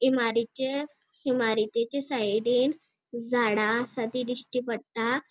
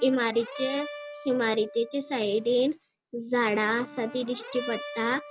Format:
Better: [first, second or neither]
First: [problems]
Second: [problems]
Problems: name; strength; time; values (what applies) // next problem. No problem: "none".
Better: first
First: none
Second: background sound (Brass instrument); 14 dB below the speech